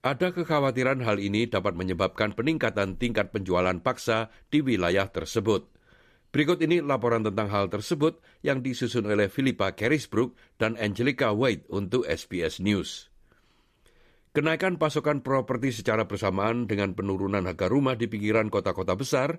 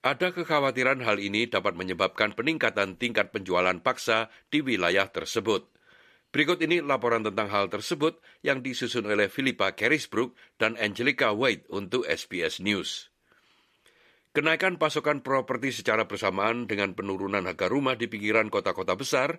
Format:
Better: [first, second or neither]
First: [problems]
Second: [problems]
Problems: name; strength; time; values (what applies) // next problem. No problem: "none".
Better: first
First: none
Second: thin; very slightly; fading below 650 Hz